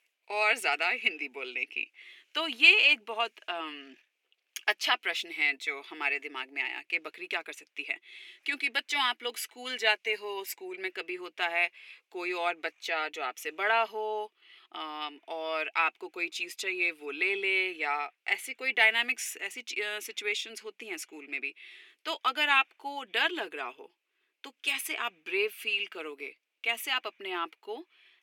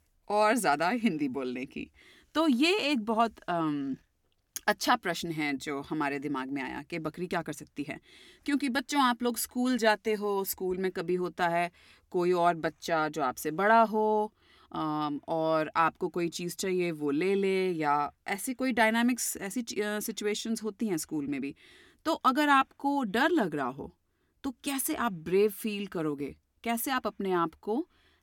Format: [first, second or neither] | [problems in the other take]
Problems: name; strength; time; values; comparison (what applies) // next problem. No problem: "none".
second | thin; very; fading below 400 Hz